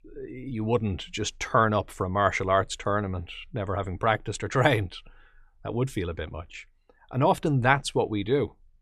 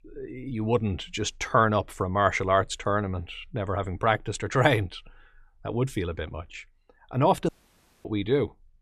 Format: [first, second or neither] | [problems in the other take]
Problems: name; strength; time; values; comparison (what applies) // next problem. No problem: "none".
first | audio cutting out; at 7.5 s for 0.5 s